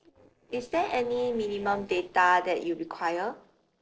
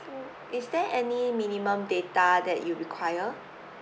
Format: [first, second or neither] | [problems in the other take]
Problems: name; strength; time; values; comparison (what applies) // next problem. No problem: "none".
second | noise reduction (neural separator model SepFormer DNS4)